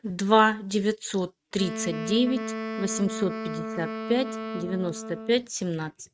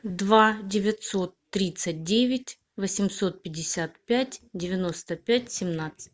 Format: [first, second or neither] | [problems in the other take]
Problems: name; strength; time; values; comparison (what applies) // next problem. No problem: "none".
second | noise reduction (neural mask model RNNoise)